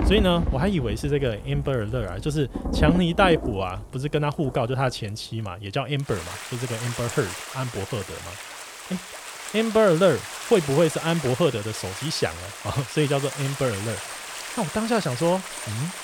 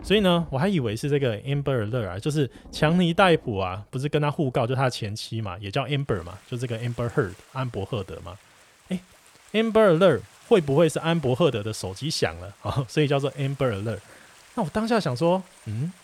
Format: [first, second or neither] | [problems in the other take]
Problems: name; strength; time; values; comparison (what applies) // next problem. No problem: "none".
second | rain or running water; loud; throughout; 8 dB below the speech; faint in the second